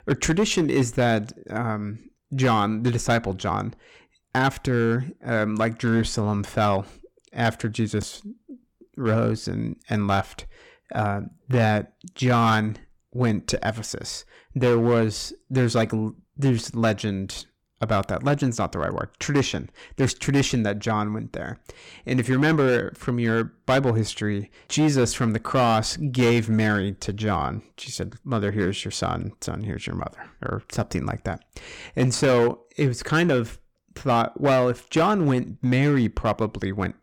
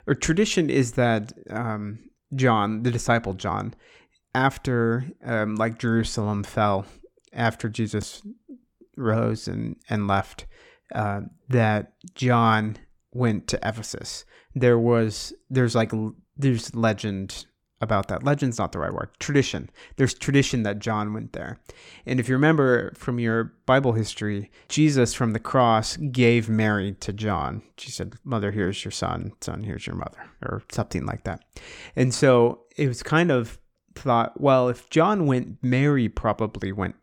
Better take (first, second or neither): second